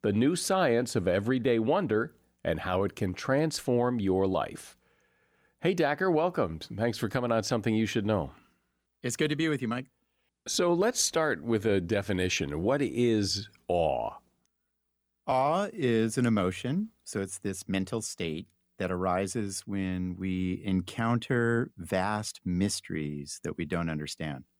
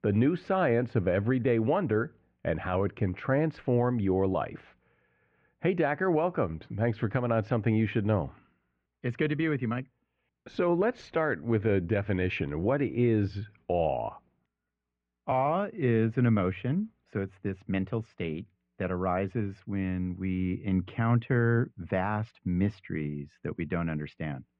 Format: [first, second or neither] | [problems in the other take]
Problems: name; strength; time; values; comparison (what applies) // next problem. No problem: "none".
first | muffled; very; fading above 2.5 kHz